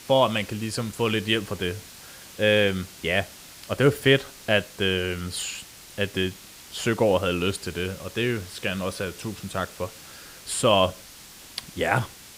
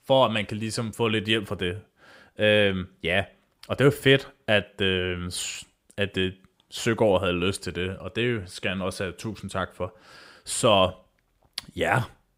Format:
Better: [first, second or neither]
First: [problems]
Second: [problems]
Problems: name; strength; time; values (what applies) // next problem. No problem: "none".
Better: second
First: hiss; noticeable; throughout; 20 dB below the speech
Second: none